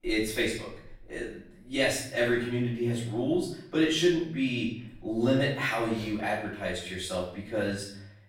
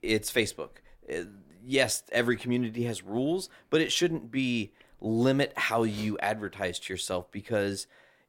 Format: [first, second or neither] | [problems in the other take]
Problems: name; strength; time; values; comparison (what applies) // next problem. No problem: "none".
second | off-mic speech; far // room echo; noticeable; dies away in 0.6 s